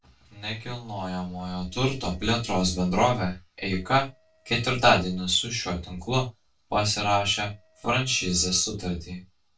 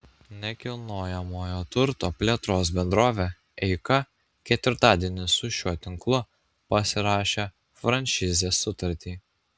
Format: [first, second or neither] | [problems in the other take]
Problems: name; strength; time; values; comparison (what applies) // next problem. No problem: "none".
second | noise reduction (neural separator model SepFormer DNS4)